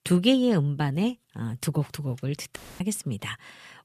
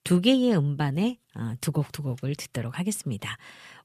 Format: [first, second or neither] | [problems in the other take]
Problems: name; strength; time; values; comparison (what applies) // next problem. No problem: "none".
second | audio cutting out; filled with static; at 2.5 s